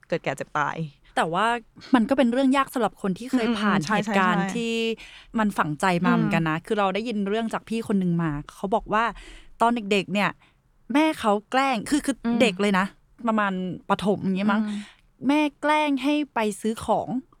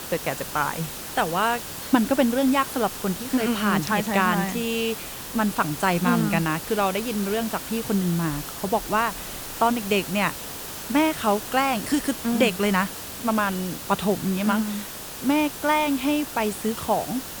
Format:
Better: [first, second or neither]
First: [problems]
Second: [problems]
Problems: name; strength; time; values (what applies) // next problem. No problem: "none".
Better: first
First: none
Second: hiss; loud; throughout; 9 dB below the speech